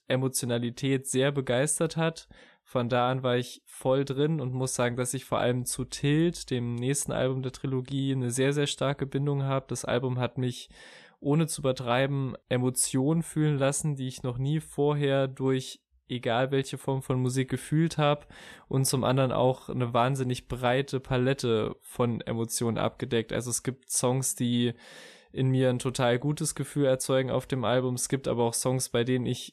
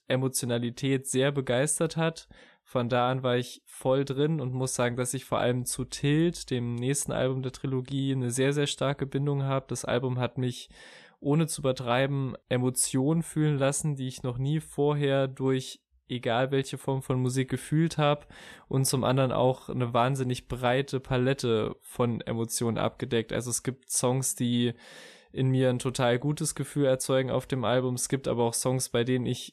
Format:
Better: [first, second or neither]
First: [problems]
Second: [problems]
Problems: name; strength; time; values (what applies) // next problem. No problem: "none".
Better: neither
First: none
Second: none